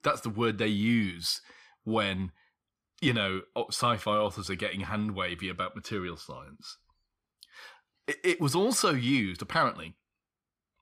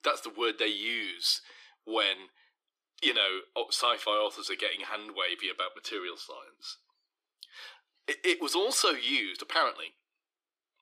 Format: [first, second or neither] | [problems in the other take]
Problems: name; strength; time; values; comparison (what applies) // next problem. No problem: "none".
first | thin; very; fading below 300 Hz